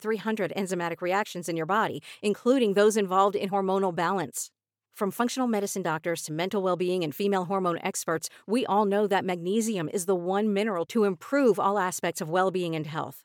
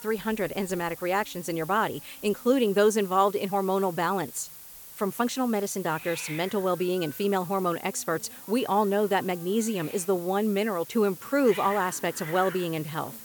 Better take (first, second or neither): first